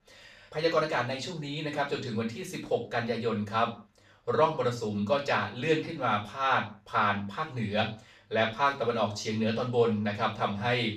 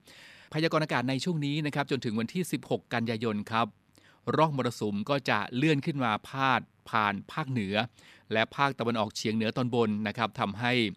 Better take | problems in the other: second | room echo; noticeable; dies away in 0.3 s // off-mic speech; far

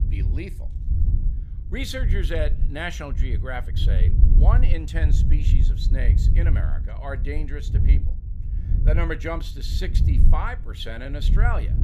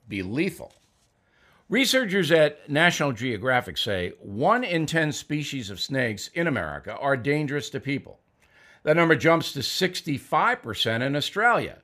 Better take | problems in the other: second | wind noise on the microphone; heavy; 8 dB below the speech

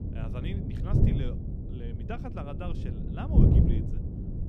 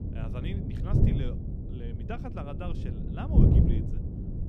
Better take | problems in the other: neither | wind noise on the microphone; heavy; 4 dB above the speech; the same in both

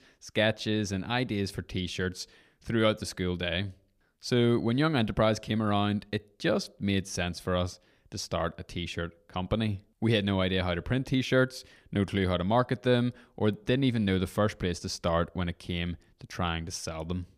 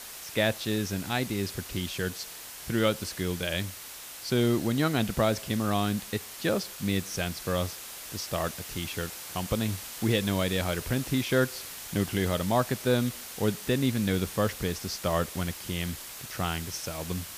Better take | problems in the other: first | hiss; loud; throughout; 9 dB below the speech

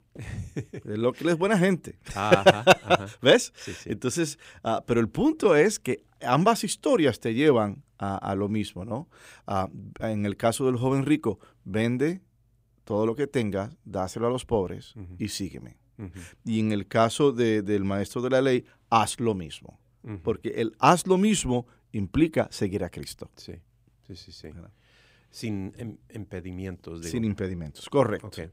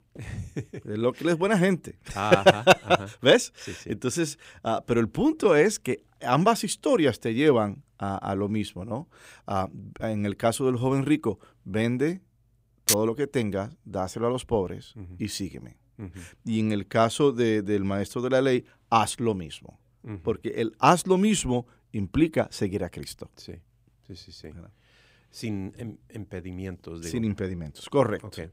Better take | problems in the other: first | clattering dishes; loud; at 13 s; peak 1 dB above the speech

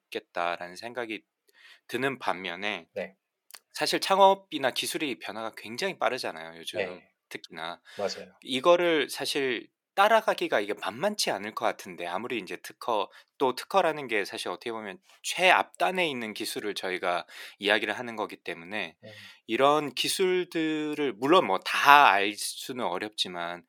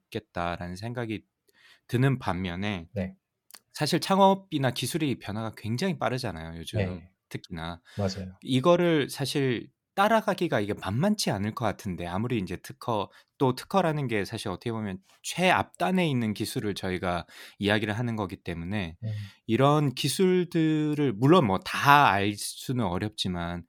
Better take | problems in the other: second | thin; somewhat; fading below 450 Hz

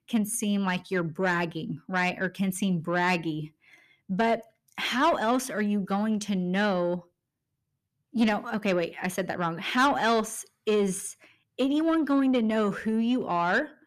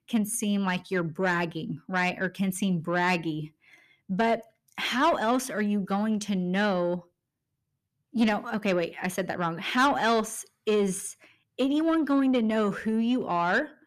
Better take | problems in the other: neither | distortion; slight; 10 dB below the speech; the same in both

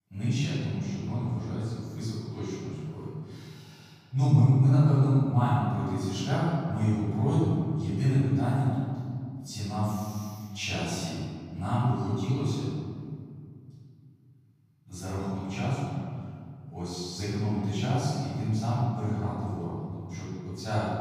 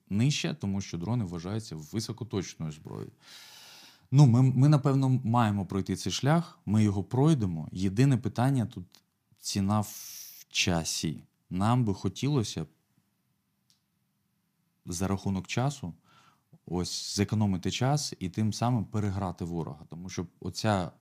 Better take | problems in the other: second | room echo; strong; dies away in 2.2 s // off-mic speech; far

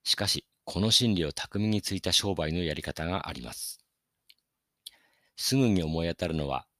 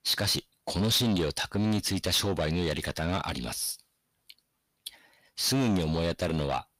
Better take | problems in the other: first | distortion; heavy; 7 dB below the speech

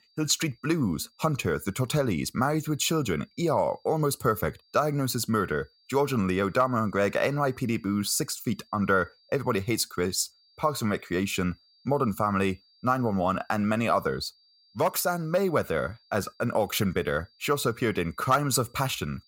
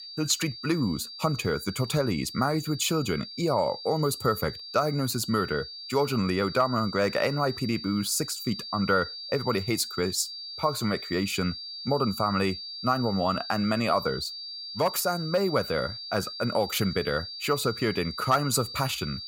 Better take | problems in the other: first | high-pitched whine; loud; throughout; 4.5 kHz, 9 dB below the speech; faint in the first

